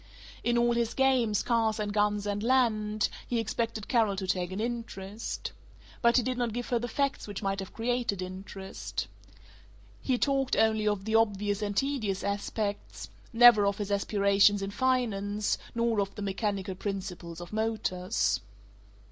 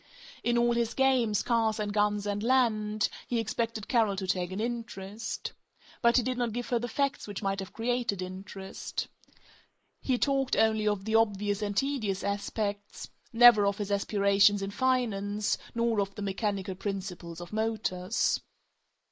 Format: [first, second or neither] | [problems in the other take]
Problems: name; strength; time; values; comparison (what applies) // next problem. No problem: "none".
first | noise reduction (neural mask model Resemble Enhance denoiser)